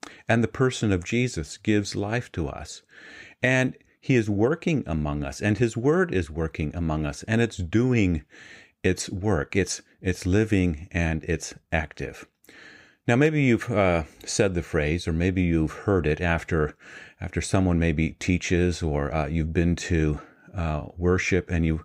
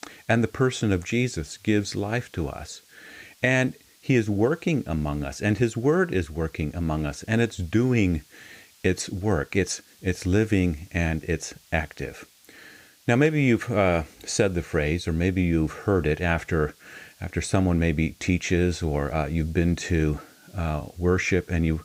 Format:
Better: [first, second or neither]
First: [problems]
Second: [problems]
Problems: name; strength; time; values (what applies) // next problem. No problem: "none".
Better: first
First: none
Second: hiss; faint; throughout; 30 dB below the speech